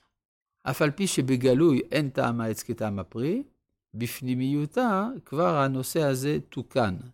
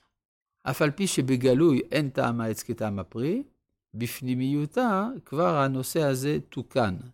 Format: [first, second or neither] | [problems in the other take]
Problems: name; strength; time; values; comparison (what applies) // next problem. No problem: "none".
neither | none